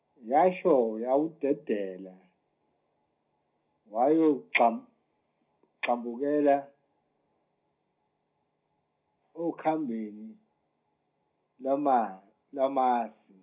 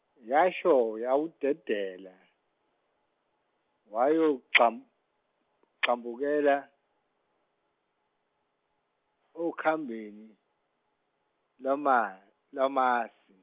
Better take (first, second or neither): second